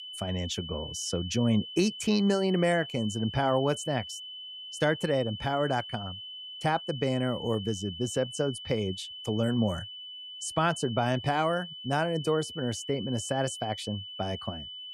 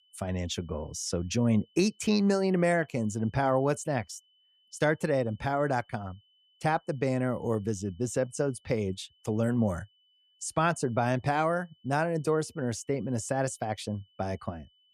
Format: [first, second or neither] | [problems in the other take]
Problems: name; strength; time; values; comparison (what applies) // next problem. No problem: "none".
second | high-pitched whine; loud; throughout; 3 kHz, 10 dB below the speech; faint in the second